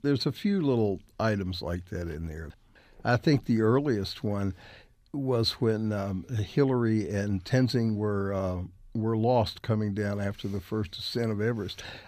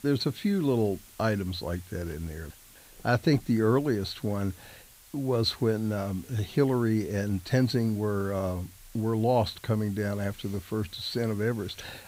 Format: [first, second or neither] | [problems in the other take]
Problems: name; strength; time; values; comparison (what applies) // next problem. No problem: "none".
first | hiss; faint; throughout; 20 dB below the speech